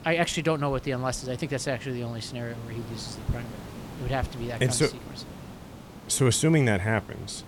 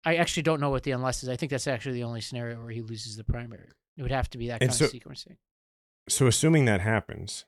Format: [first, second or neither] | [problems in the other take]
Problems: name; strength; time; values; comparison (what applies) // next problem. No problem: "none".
second | hiss; noticeable; throughout; 15 dB below the speech